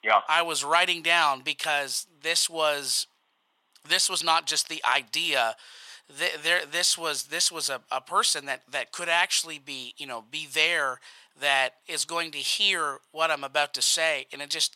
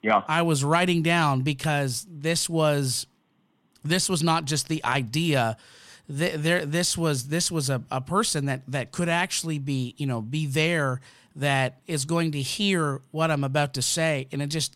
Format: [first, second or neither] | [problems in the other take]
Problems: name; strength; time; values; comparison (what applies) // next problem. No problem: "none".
second | thin; very; fading below 800 Hz